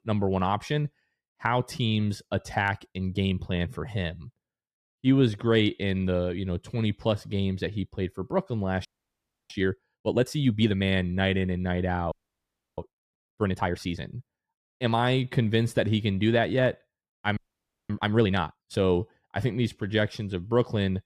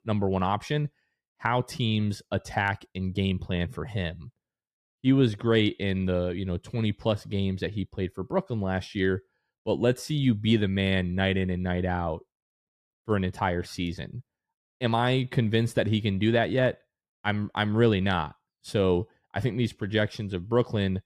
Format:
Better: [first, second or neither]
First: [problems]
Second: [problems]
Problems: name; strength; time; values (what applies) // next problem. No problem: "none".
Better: second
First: audio freezing; at 9 s for 0.5 s, at 12 s for 0.5 s and at 17 s for 0.5 s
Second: none